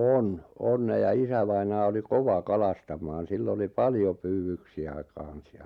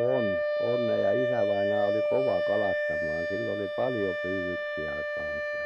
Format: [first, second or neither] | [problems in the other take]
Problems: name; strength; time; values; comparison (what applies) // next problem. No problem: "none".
first | background sound (Wind instrument, woodwind instrument); 3 dB above the speech